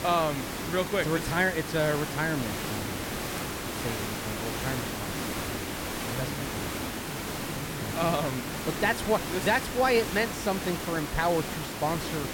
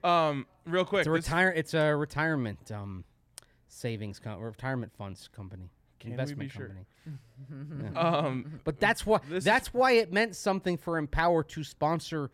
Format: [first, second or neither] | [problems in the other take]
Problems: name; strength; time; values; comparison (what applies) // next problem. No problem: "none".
second | hiss; loud; throughout; 4 dB below the speech